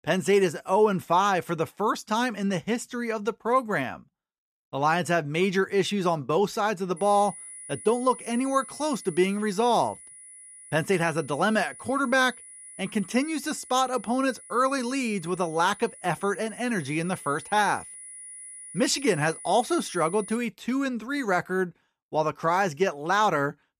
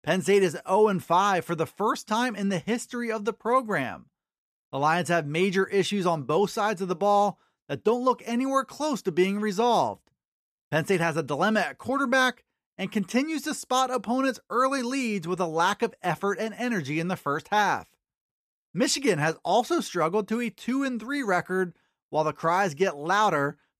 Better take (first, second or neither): second